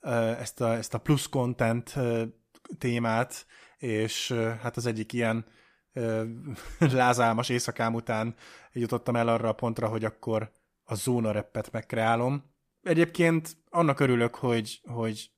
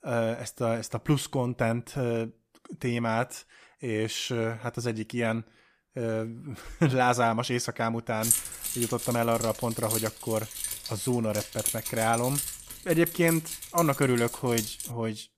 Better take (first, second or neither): first